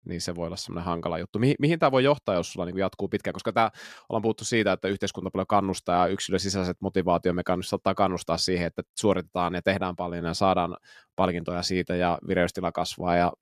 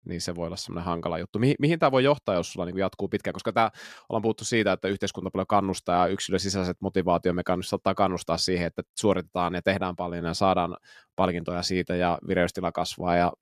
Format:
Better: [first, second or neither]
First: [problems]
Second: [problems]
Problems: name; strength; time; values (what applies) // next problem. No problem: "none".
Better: neither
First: none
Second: none